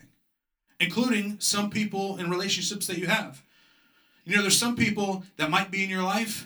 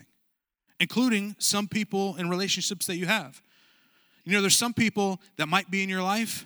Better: second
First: off-mic speech; somewhat distant // room echo; very slight; dies away in 0.2 s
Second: none

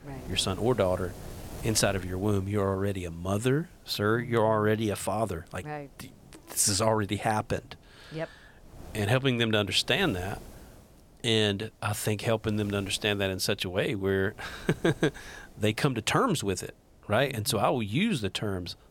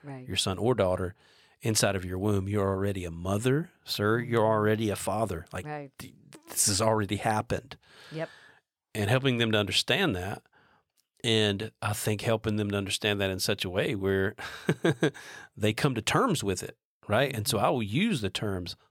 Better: second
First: wind noise on the microphone; occasional gusts; 25 dB below the speech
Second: none

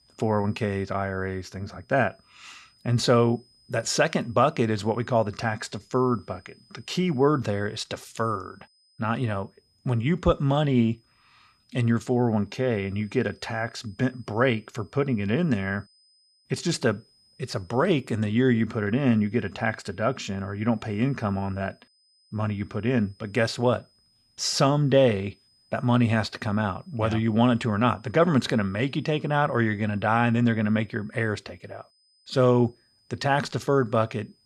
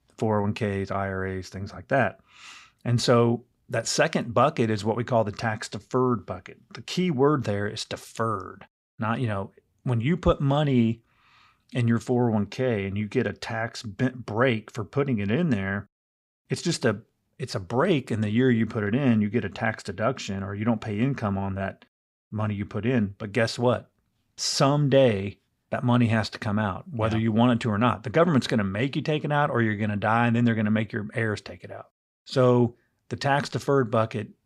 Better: second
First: high-pitched whine; faint; throughout; 5 kHz, 35 dB below the speech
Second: none

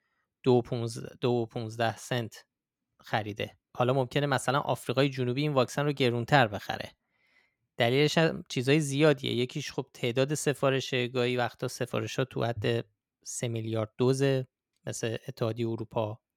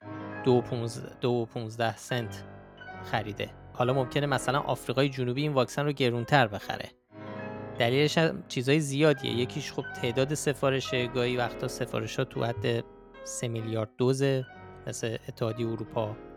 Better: first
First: none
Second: background music; noticeable; throughout; 15 dB below the speech

